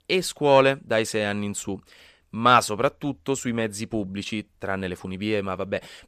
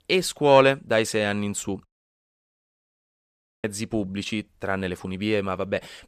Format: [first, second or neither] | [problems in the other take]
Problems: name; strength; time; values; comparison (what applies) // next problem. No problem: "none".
first | audio cutting out; at 2 s for 2 s